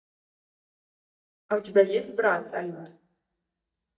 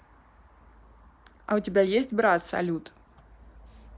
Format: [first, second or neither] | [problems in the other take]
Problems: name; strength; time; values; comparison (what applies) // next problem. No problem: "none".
second | noise reduction (neural mask model DeepFilterNet 3)